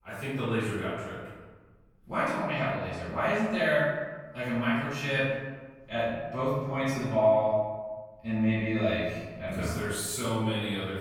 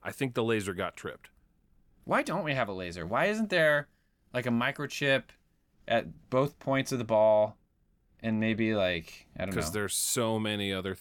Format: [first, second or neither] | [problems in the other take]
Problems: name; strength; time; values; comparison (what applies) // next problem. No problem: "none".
second | off-mic speech; far // room echo; strong; dies away in 1.3 s